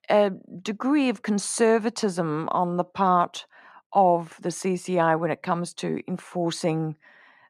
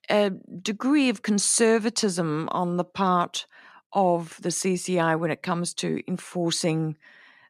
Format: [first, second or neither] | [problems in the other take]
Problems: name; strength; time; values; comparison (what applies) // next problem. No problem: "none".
second | muffled; slightly; fading above 3 kHz